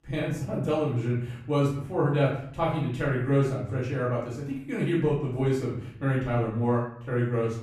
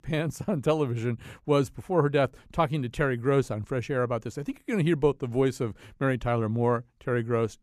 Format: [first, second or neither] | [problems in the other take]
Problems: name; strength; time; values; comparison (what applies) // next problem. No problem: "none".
second | off-mic speech; far // room echo; noticeable; dies away in 0.6 s